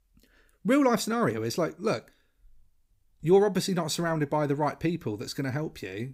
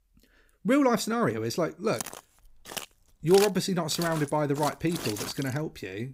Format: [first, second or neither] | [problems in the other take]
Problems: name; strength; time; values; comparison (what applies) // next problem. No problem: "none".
first | footsteps; noticeable; from 2 to 5.5 s; peak 5 dB below the speech